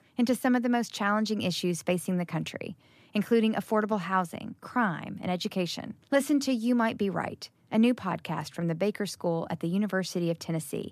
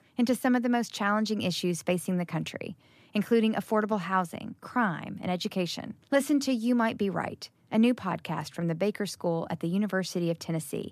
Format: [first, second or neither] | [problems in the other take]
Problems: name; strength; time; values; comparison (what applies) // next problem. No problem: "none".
neither | none